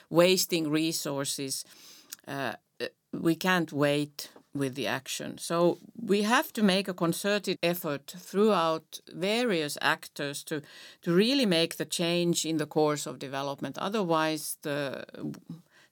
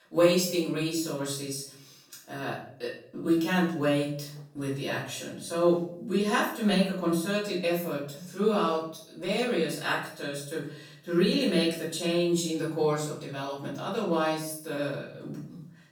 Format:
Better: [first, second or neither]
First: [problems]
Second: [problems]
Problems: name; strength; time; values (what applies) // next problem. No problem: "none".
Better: first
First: none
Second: room echo; noticeable; dies away in 0.6 s // off-mic speech; far